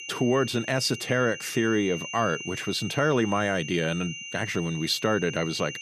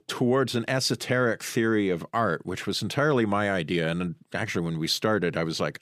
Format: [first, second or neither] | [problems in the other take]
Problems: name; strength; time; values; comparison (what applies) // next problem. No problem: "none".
second | high-pitched whine; loud; throughout; 3 kHz, 10 dB below the speech